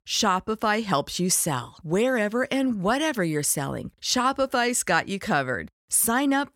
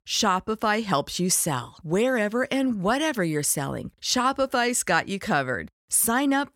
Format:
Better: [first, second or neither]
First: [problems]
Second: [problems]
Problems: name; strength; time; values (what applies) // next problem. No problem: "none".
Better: neither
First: none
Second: none